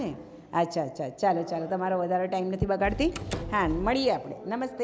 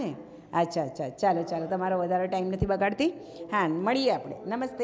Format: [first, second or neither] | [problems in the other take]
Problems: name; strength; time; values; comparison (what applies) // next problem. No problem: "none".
second | background sound (Slam + Fireworks); 13 dB below the speech